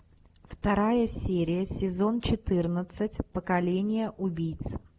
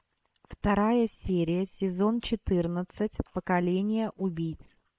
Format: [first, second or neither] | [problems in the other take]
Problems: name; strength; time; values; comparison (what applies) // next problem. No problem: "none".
first | noise reduction (neural separator model SepFormer WHAM!)